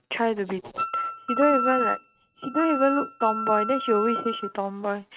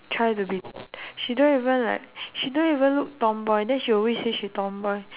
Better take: second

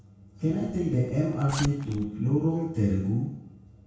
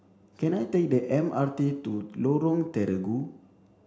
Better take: second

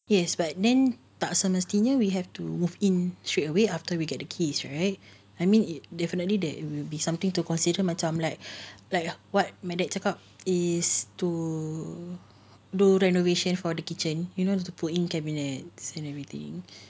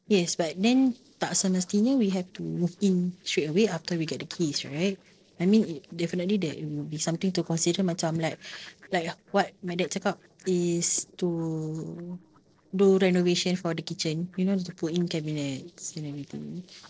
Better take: first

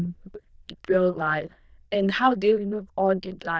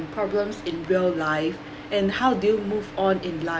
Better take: second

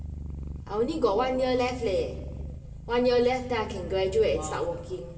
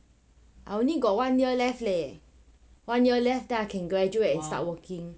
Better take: second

